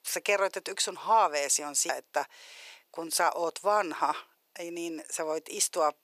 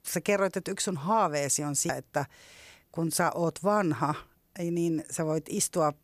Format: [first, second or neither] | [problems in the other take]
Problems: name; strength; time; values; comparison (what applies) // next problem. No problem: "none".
second | thin; very; fading below 450 Hz